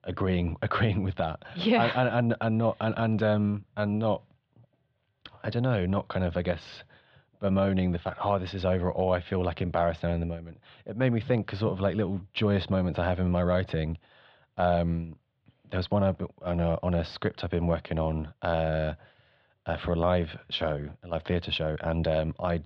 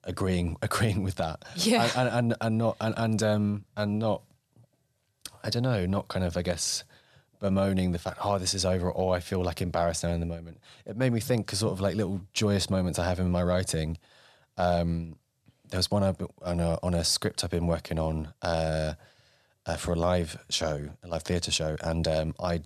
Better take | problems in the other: second | muffled; very; fading above 3.5 kHz

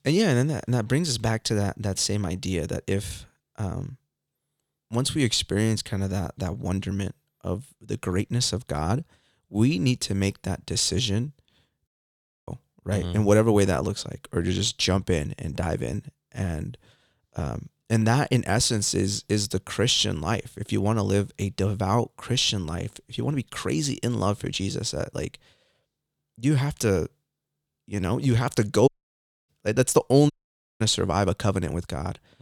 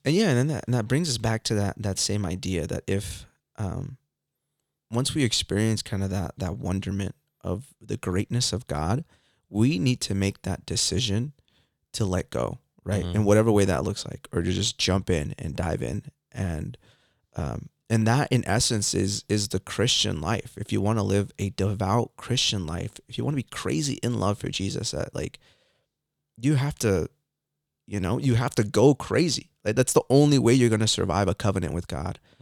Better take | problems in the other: second | audio cutting out; at 12 s for 0.5 s, at 29 s for 0.5 s and at 30 s for 0.5 s

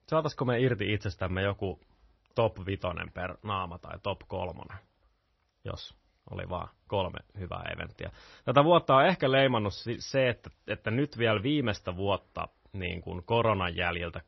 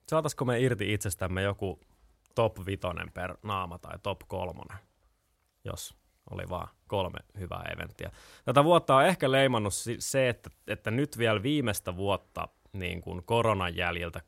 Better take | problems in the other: second | garbled, watery; slightly; nothing above 6 kHz

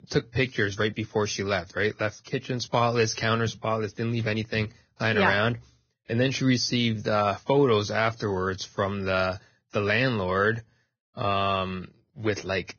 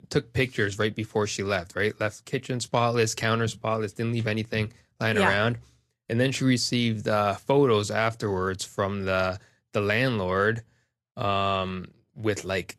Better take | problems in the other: second | garbled, watery; badly; nothing above 6.5 kHz; slightly in the second

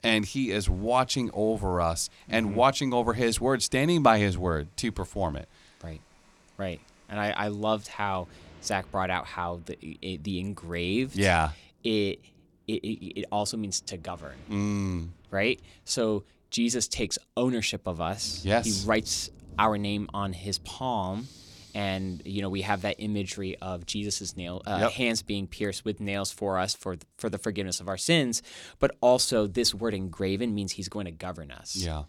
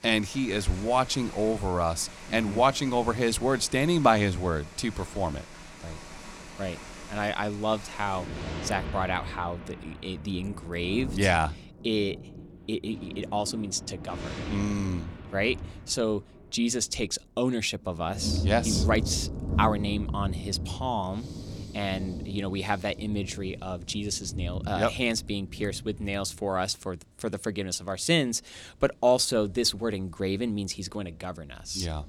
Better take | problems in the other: first | rain or running water; loud; throughout; 9 dB below the speech; faint in the first

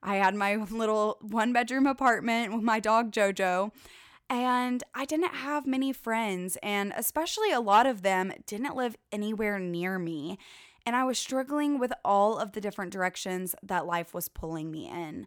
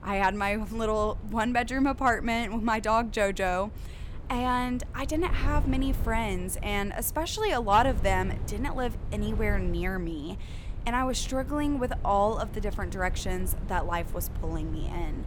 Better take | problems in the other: first | wind noise on the microphone; occasional gusts; 20 dB below the speech

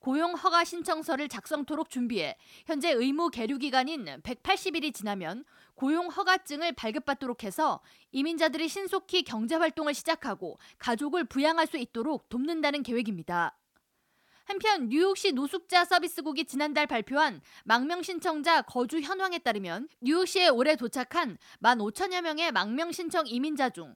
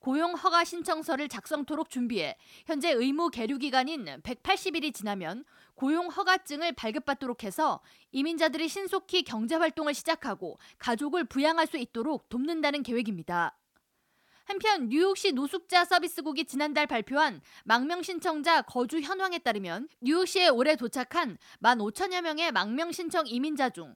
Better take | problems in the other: neither | none

